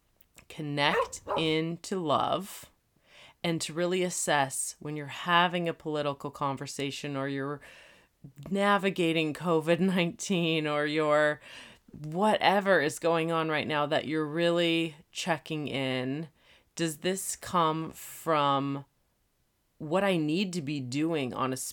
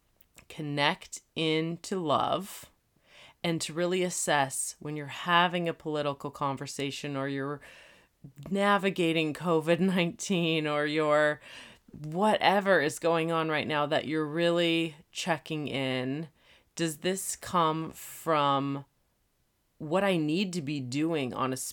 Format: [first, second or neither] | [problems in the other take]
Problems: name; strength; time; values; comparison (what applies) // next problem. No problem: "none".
second | dog barking; noticeable; at 1 s; peak 2 dB below the speech